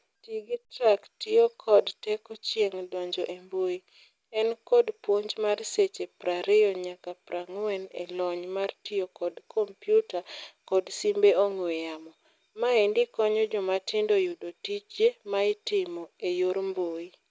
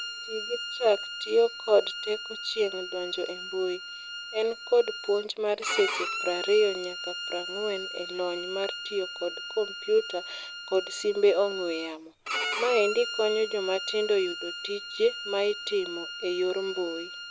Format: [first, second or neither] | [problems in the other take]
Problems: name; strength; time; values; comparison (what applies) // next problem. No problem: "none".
first | background sound (Bowed string instrument); 8 dB below the speech